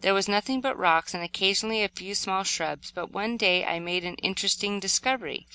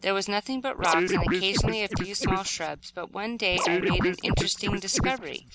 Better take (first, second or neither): first